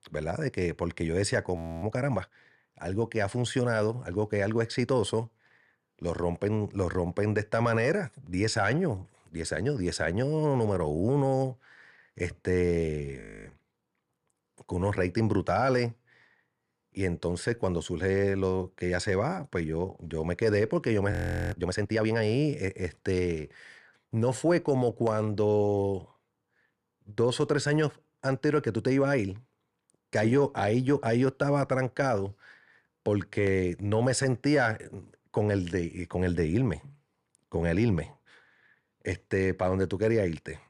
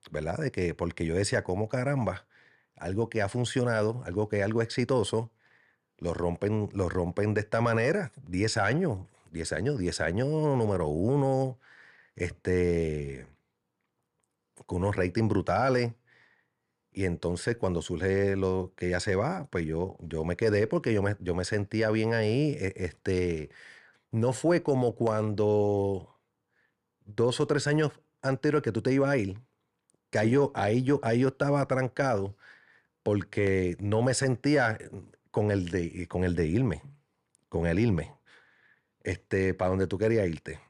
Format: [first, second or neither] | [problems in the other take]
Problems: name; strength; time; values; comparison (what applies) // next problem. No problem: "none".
second | audio freezing; at 1.5 s, at 13 s and at 21 s